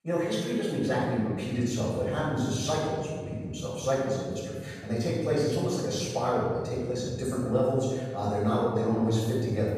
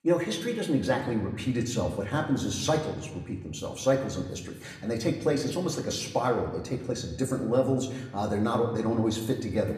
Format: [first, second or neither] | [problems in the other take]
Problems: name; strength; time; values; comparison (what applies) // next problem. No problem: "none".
second | room echo; strong; dies away in 1.7 s; slight in the second // off-mic speech; far; somewhat distant in the second